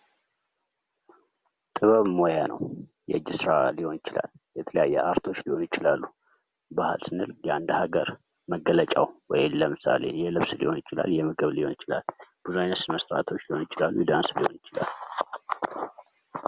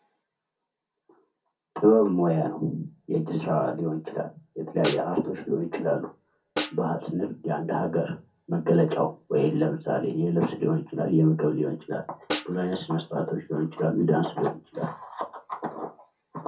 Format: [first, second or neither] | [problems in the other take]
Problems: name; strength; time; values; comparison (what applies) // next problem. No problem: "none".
first | background sound (Snare drum); 11 dB below the speech // room echo; dies away in 0.3 s